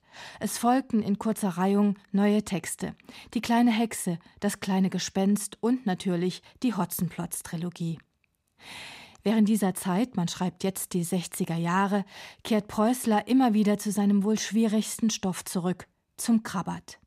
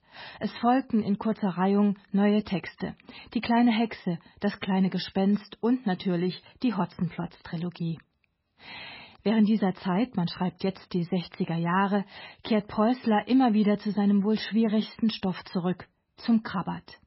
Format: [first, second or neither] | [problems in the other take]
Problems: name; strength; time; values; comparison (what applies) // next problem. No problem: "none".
first | garbled, watery; badly; nothing above 5.5 kHz